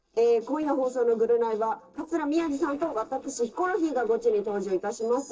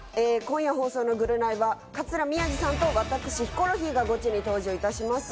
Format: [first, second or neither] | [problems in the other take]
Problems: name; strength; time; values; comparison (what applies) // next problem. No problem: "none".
second | noise reduction (neural separator model SepFormer DNS4)